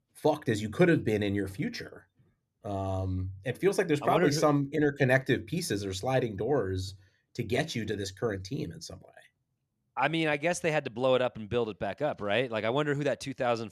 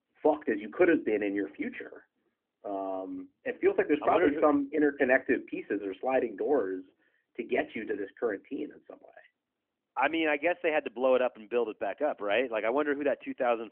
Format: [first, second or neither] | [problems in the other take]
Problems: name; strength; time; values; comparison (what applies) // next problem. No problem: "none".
first | phone-call audio; nothing above 3 kHz